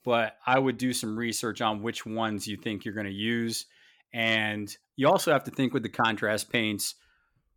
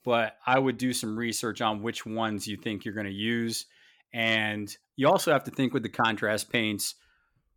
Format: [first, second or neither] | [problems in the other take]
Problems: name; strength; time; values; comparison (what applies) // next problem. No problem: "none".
neither | none